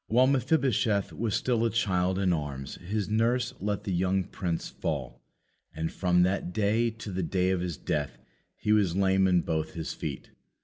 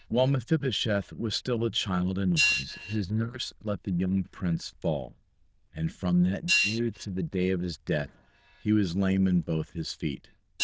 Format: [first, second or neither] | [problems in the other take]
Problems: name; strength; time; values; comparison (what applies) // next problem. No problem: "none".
first | noise reduction (neural diffusion model UNIVERSE++)